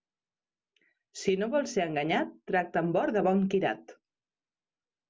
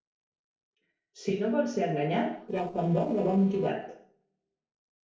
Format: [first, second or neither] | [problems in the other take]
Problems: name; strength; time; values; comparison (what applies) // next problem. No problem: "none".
first | noise reduction (neural separator model SepFormer DNS4)